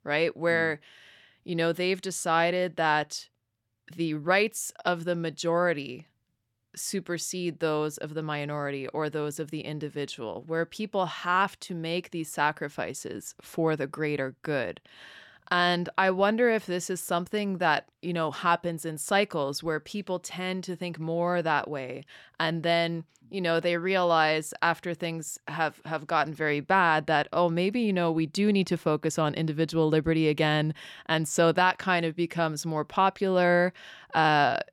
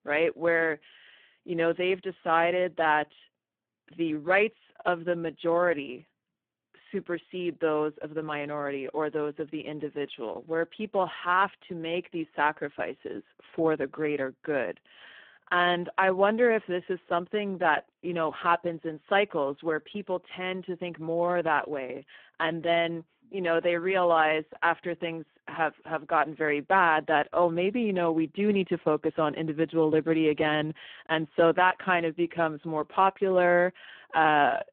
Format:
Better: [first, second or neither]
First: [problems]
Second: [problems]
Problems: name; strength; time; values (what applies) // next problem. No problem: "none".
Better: first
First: none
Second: phone-call audio; poor line